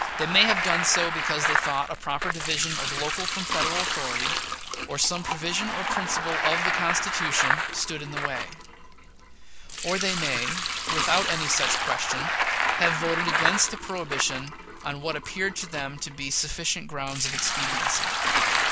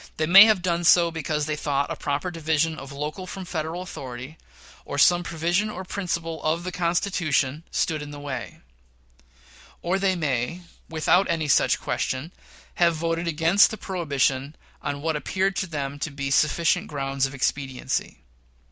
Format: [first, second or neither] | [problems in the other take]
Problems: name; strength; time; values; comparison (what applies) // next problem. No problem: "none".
second | background sound (Sink (filling or washing) / Liquid + Bicycle); 2 dB above the speech